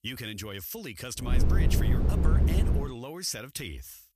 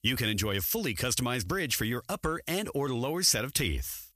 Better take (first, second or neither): second